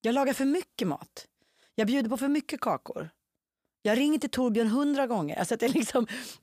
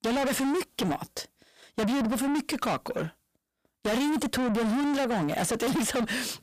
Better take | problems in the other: first | distortion; heavy; 6 dB below the speech

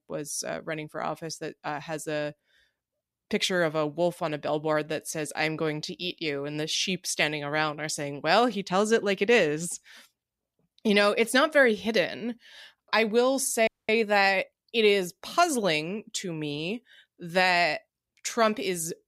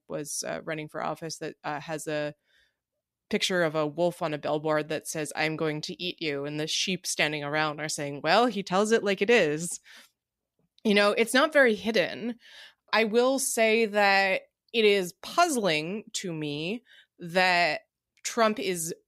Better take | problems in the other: second | audio freezing; at 14 s

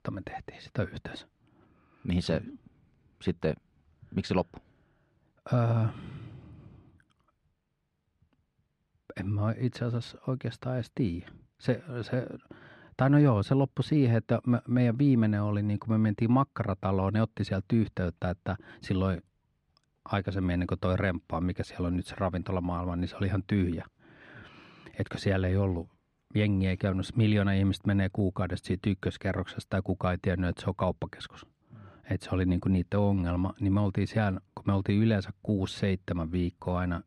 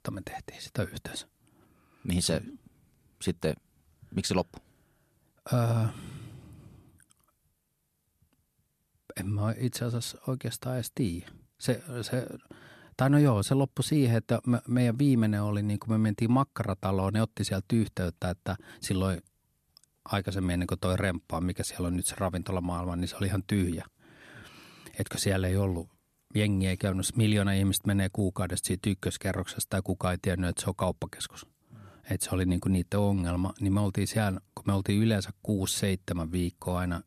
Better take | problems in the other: second | muffled; slightly; fading above 3 kHz

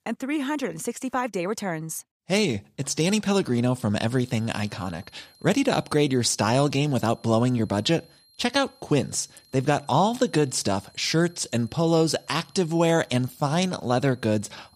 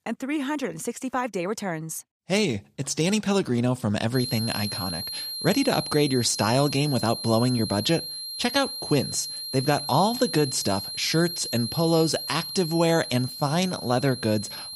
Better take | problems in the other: first | high-pitched whine; loud; from 4 s on; 4 kHz, 6 dB below the speech; faint in the first

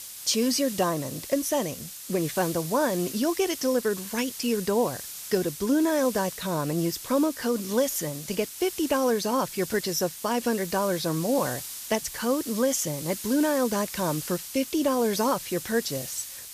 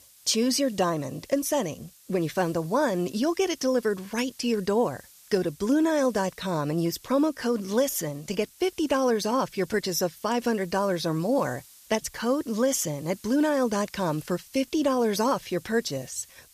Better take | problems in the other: second | hiss; loud; throughout; 9 dB below the speech; faint in the second

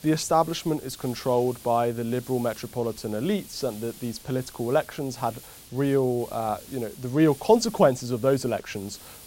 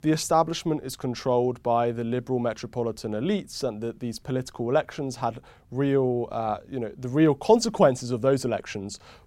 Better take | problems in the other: second | hiss; noticeable; throughout; 20 dB below the speech

